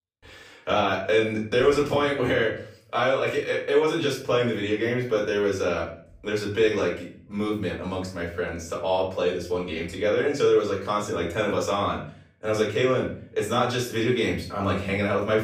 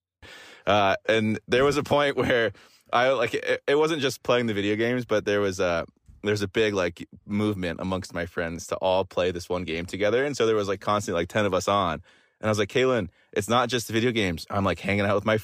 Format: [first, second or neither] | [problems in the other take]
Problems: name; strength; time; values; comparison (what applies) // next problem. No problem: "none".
second | off-mic speech; far // room echo; slight; dies away in 0.4 s